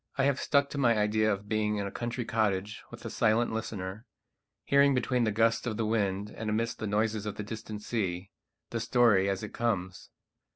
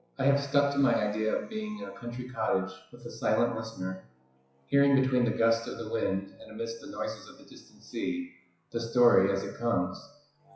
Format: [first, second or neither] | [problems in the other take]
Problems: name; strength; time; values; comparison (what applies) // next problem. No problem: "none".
first | noise reduction (classical method WPE with log-MMSE)